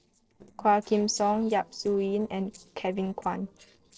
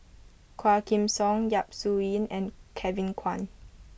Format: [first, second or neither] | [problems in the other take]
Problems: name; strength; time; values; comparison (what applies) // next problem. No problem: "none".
second | noise reduction (neural separator model SepFormer DNS4)